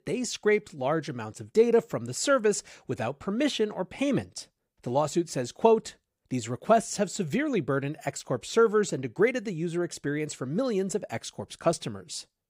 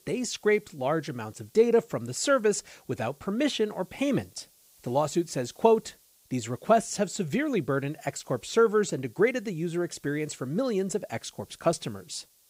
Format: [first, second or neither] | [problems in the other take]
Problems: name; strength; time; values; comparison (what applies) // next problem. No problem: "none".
first | hiss; faint; throughout; 30 dB below the speech